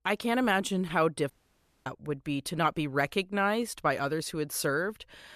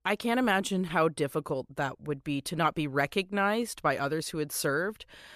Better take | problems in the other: second | audio cutting out; at 1.5 s for 0.5 s

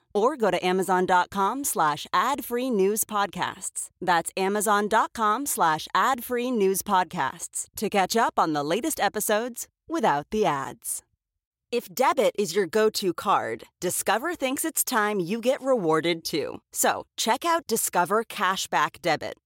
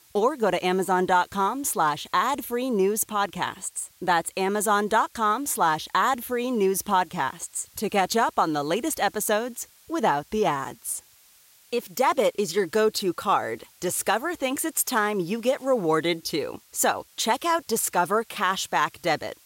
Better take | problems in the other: first | hiss; faint; throughout; 30 dB below the speech

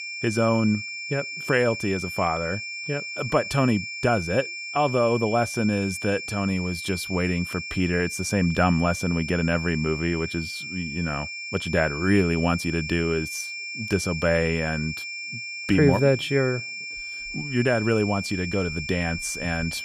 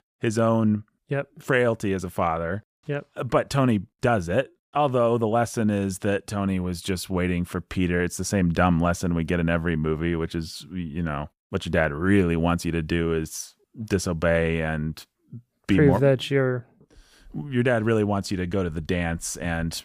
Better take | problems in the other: second | high-pitched whine; loud; throughout; 2.5 kHz, 7 dB below the speech

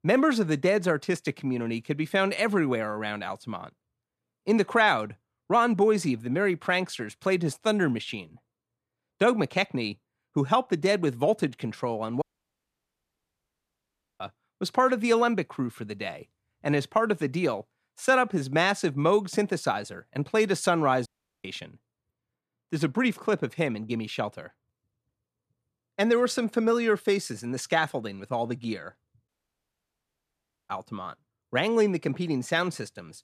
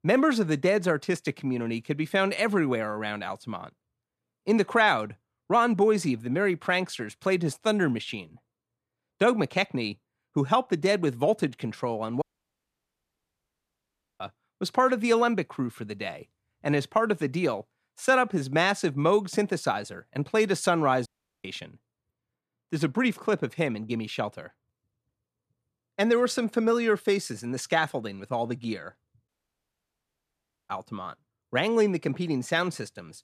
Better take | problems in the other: neither | audio cutting out; at 12 s for 2 s, at 21 s and at 29 s for 1.5 s; the same in both

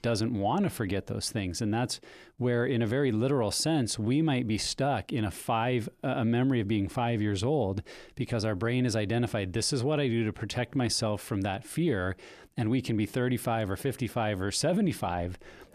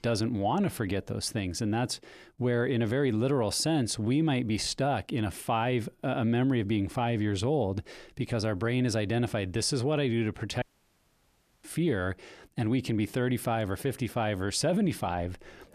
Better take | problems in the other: first | audio cutting out; at 11 s for 1 s

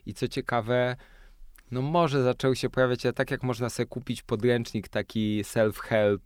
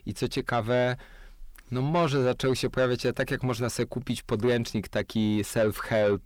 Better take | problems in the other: first | distortion; slight; 10 dB below the speech

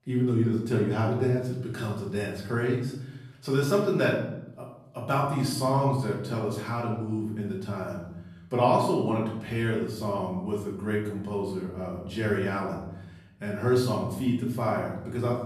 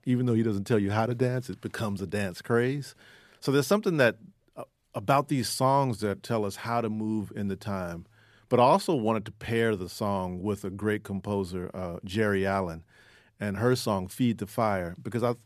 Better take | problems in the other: second | off-mic speech; far // room echo; noticeable; dies away in 0.8 s

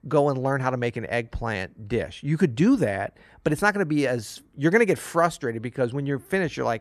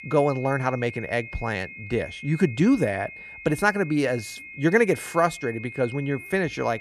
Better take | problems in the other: first | high-pitched whine; noticeable; throughout; 2 kHz, 15 dB below the speech

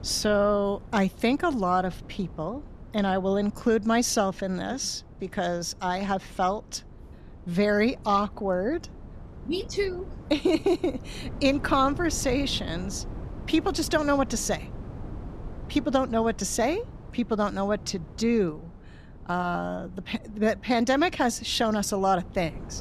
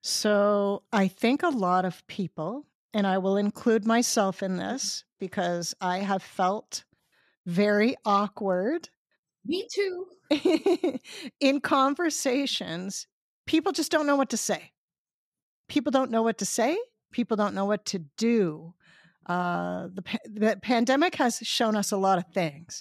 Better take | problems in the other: second | wind noise on the microphone; occasional gusts; 20 dB below the speech

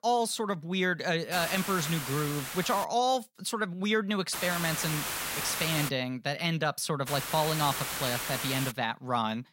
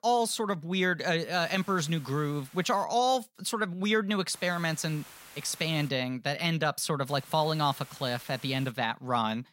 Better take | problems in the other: second | hiss; loud; from 1.5 to 3 s, from 4.5 to 6 s and from 7 to 8.5 s; 3 dB below the speech; faint in the second

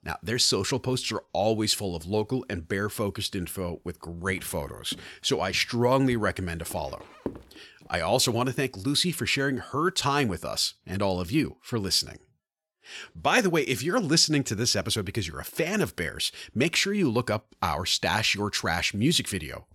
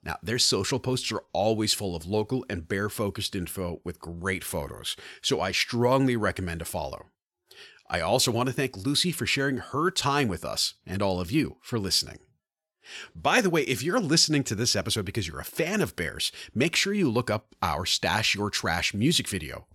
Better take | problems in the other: second | footsteps; faint; from 4.5 to 7.5 s; peak 10 dB below the speech

